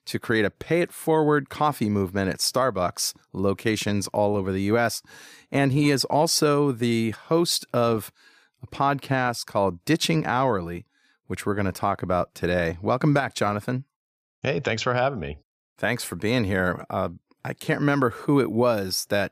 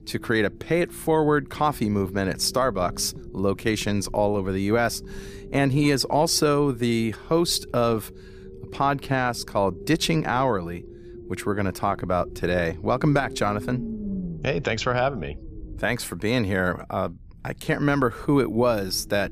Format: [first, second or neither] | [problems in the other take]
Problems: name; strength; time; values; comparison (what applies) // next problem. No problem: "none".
first | low rumble; faint; throughout; 20 dB below the speech